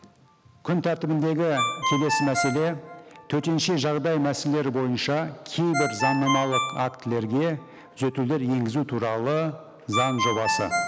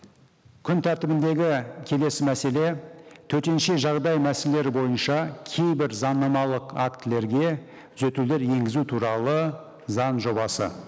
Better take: second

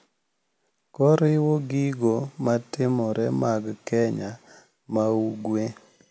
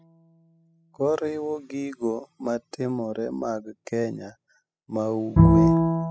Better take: first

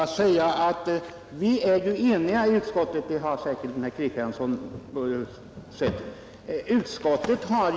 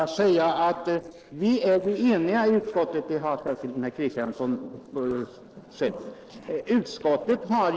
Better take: first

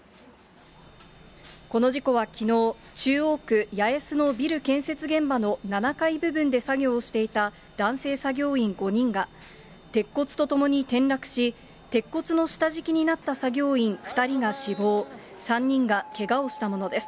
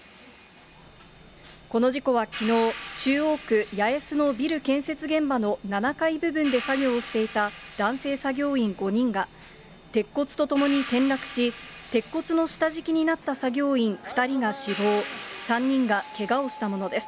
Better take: first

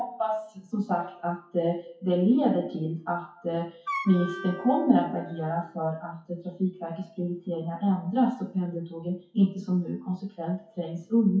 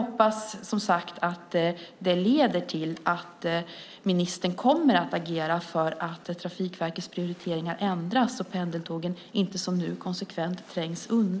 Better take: second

